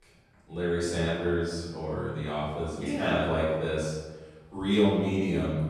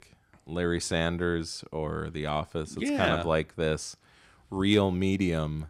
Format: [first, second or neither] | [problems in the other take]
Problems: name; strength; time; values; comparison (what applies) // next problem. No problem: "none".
second | off-mic speech; far // room echo; strong; dies away in 1.1 s